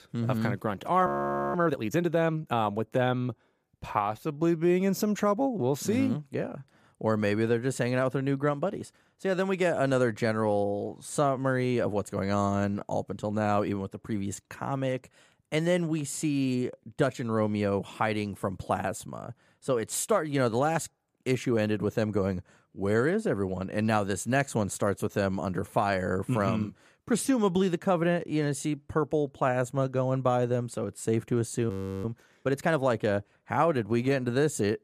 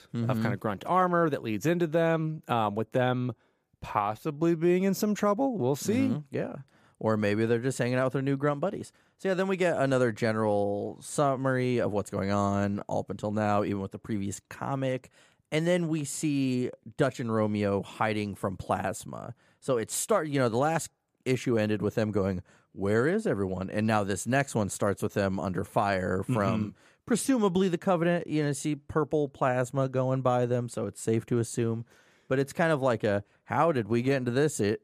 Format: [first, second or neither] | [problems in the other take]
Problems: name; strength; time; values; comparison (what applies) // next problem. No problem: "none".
second | audio freezing; at 1 s and at 32 s